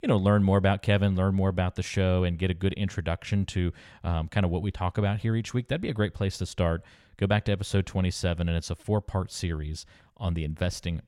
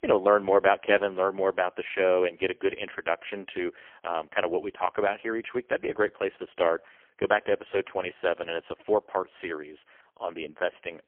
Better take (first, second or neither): first